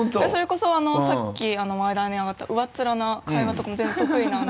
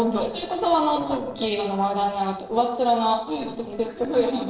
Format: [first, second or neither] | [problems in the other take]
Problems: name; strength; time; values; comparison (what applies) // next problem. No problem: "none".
first | noise reduction (neural separator model SepFormer DNS4)